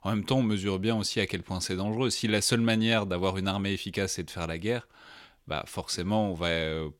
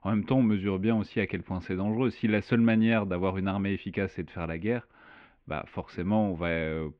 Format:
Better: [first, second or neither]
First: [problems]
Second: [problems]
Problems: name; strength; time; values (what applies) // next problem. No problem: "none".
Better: first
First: none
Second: muffled; very; fading above 2.5 kHz